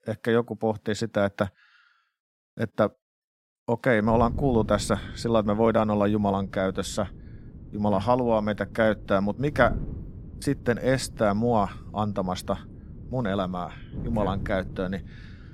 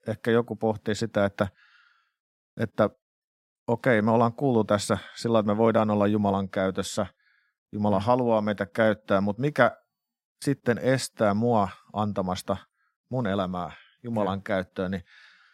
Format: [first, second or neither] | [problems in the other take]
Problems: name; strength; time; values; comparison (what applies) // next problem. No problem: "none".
second | wind noise on the microphone; occasional gusts; from 4 s on; 20 dB below the speech